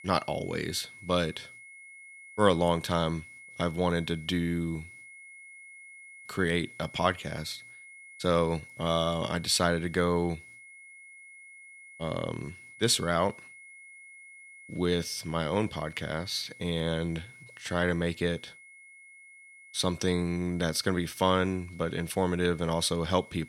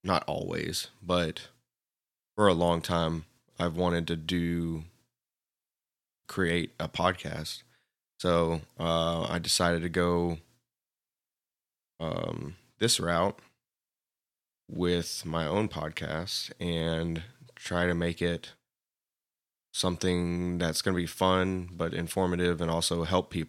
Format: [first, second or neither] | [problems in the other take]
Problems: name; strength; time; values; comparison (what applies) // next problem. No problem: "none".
second | high-pitched whine; noticeable; throughout; 2 kHz, 20 dB below the speech